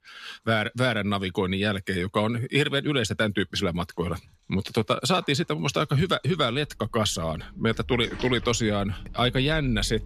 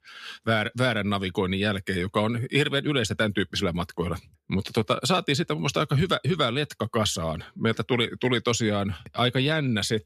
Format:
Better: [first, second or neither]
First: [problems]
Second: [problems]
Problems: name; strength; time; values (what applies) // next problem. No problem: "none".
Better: second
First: rain or running water; noticeable; throughout; 20 dB below the speech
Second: none